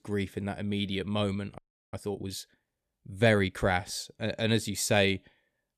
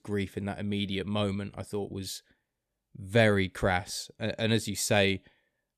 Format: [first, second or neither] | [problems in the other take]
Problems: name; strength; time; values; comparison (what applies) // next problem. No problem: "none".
second | audio freezing; at 1.5 s